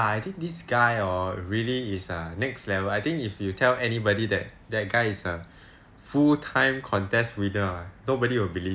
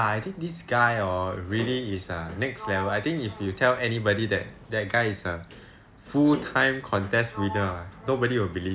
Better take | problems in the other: first | background sound (Sliding door); 16 dB below the speech

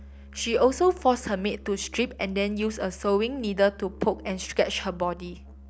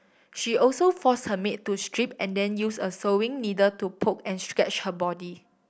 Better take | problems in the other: second | background sound (Musical instrument); 18 dB below the speech

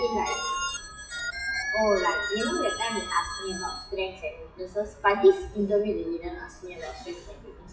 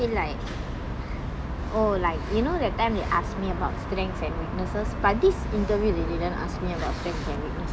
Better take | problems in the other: second | noise reduction (classical method WPE with log-MMSE)

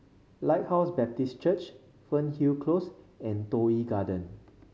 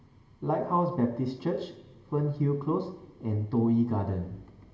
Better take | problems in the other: first | room echo; dies away in 1.5 s

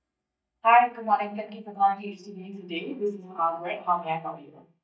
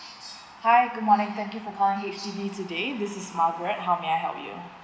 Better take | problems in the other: second | noise reduction (neural mask model DeepFilterNet 3)

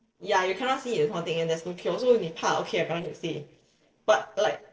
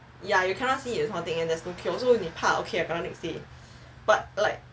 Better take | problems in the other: second | noise reduction (neural separator model SepFormer DNS4)

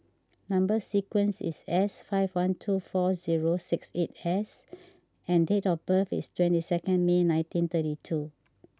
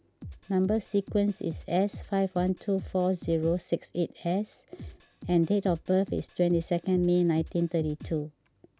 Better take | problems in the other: first | background sound (Drum kit); 16 dB below the speech

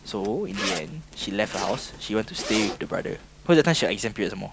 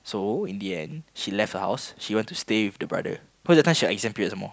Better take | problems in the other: second | background sound (Zipper (clothing)); 10 dB below the speech

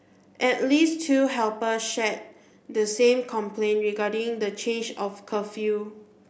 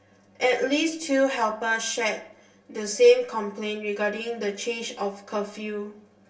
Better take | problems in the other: first | room echo; dies away in 0.1 s

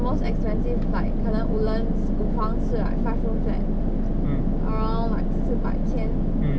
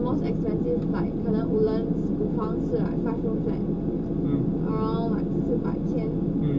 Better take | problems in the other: first | room echo; dies away in 0.2 s

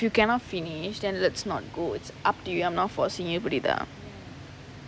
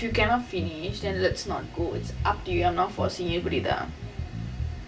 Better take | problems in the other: first | background sound (Bass guitar); 5 dB below the speech // room echo; dies away in 0.2 s

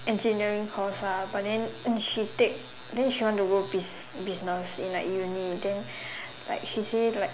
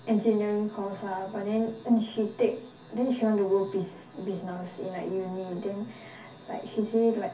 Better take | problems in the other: first | room echo; dies away in 0.3 s

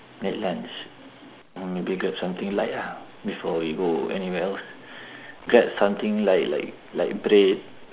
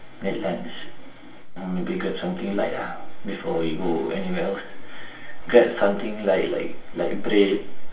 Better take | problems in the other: first | room echo; dies away in 0.3 s

